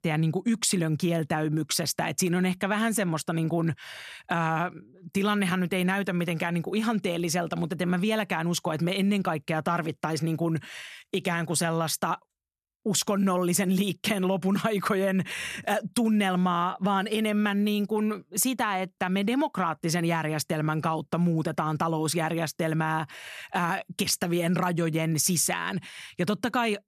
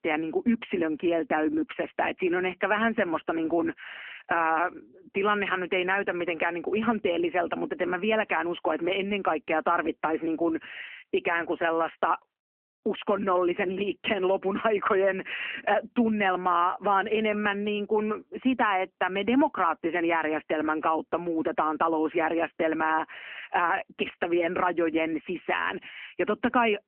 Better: first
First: none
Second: phone-call audio; nothing above 3 kHz

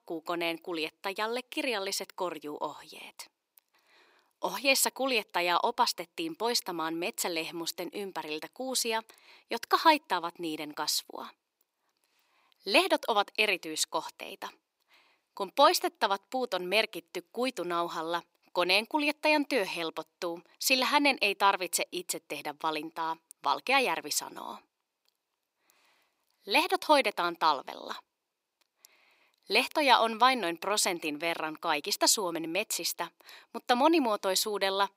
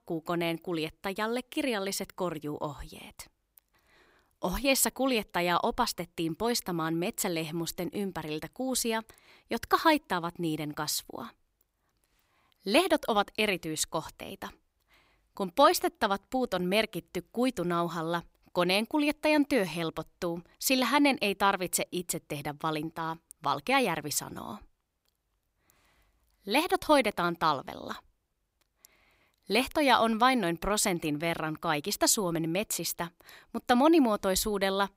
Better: second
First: thin; very slightly; fading below 400 Hz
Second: none

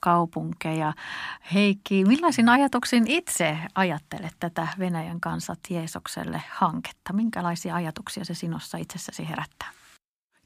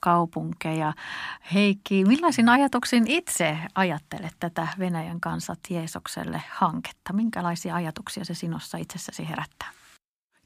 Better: neither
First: none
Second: none

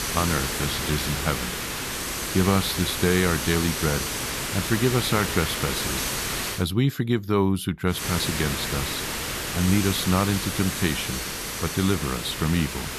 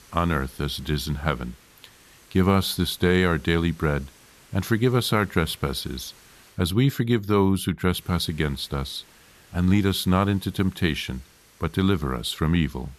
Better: second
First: hiss; loud; until 6.5 s and from 8 s on; 2 dB below the speech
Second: hiss; faint; until 6.5 s and from 8 s on; 25 dB below the speech

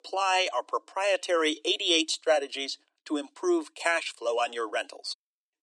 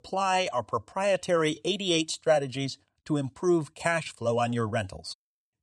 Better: second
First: thin; somewhat; fading below 300 Hz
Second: none

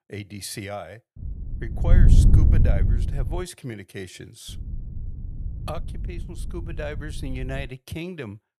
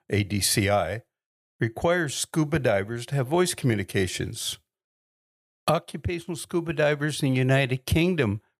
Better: second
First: wind noise on the microphone; heavy; from 1 to 3.5 s and from 4.5 to 7.5 s; 1 dB below the speech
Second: none

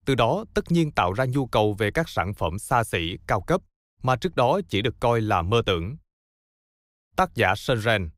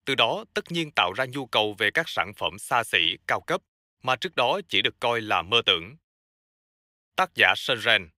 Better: first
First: none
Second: thin; somewhat; fading below 500 Hz

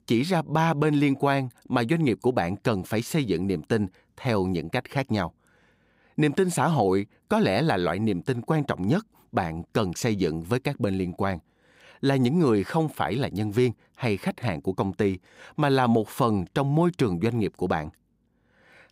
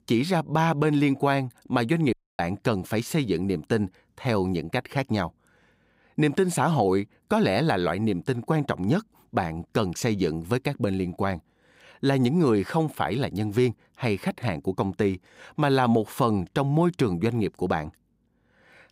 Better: first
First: none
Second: audio cutting out; at 2 s

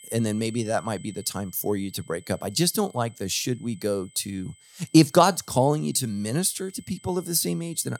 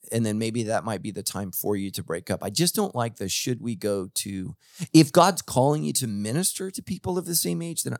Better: second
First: high-pitched whine; faint; throughout; 8 kHz, 25 dB below the speech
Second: none

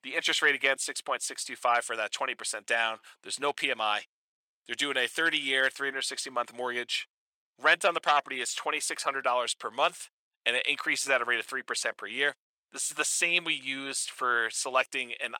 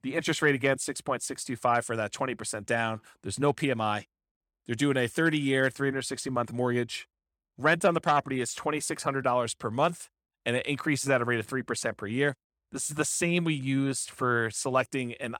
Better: second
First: thin; very; fading below 600 Hz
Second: none

